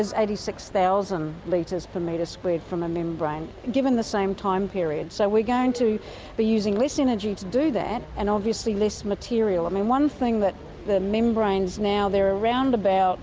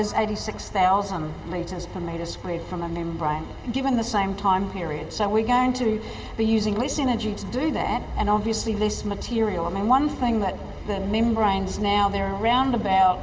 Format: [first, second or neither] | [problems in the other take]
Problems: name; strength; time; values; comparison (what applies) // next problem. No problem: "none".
first | room echo; dies away in 2.5 s